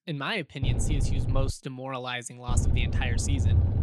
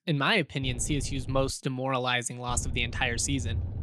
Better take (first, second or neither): second